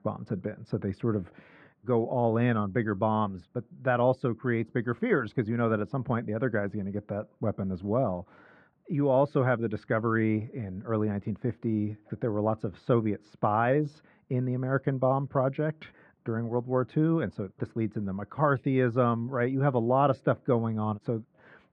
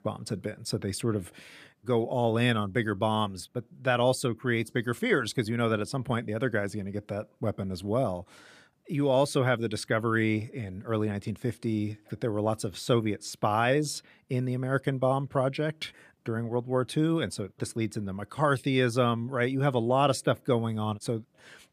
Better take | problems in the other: second | muffled; very; fading above 1.5 kHz

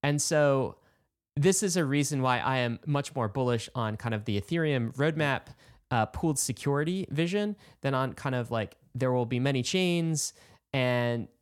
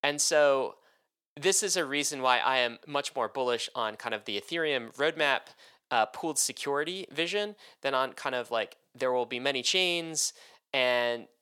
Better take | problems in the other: first | thin; very; fading below 500 Hz

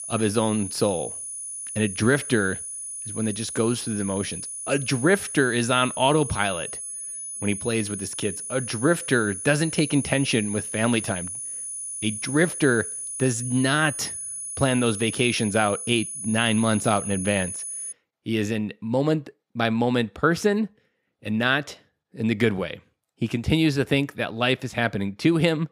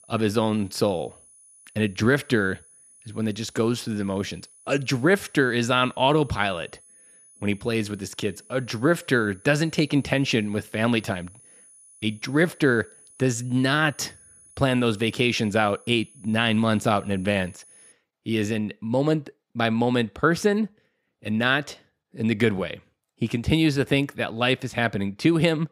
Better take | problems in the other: second | high-pitched whine; loud; until 18 s; 10 kHz, 7 dB below the speech; faint in the second

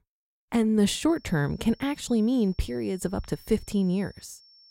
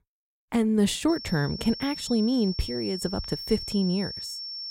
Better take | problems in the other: first | high-pitched whine; loud; from 1 s on; 5.5 kHz, 8 dB below the speech; faint in the first

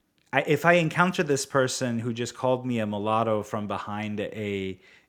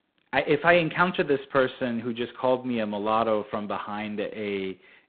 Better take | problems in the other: first | phone-call audio; poor line; nothing above 4 kHz

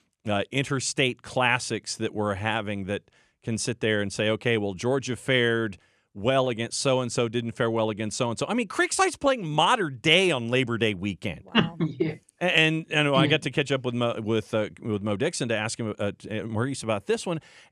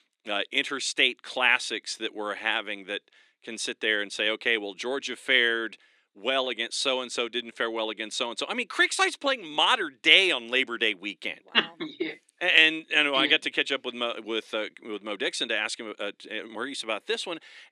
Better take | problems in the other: first | thin; somewhat; fading below 300 Hz

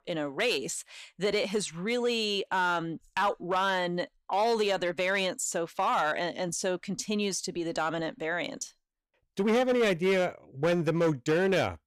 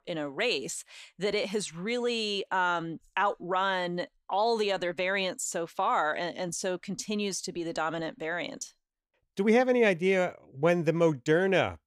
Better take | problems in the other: second | distortion; slight; 5% of the sound clipped

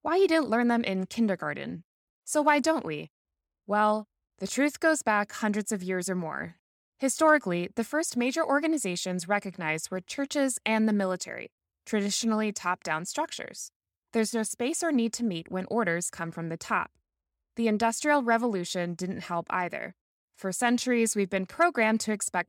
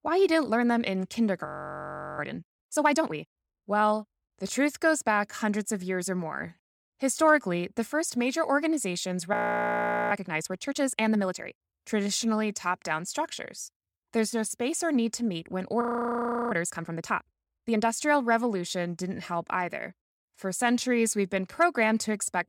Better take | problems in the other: first | audio freezing; at 1.5 s for 0.5 s, at 9.5 s for 1 s and at 16 s for 0.5 s

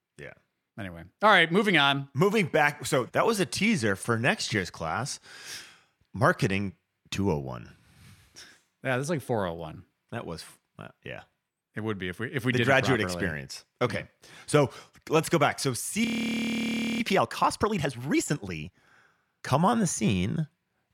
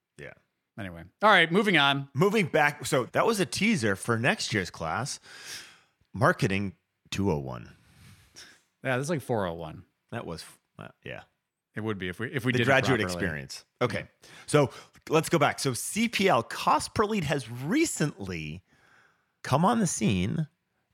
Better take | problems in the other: second | audio freezing; at 16 s for 1 s

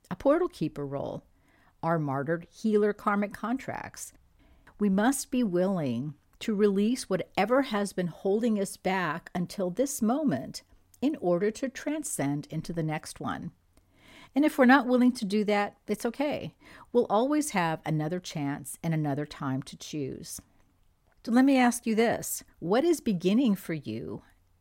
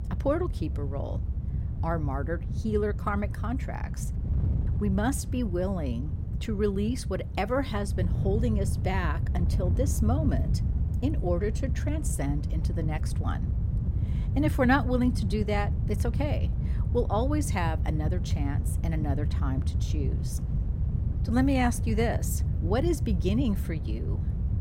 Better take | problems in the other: first | wind noise on the microphone; occasional gusts; 10 dB below the speech

